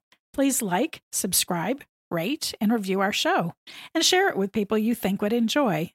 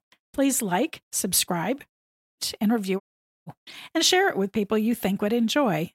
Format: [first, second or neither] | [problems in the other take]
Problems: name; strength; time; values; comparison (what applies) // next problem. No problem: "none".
first | audio cutting out; at 2 s and at 3 s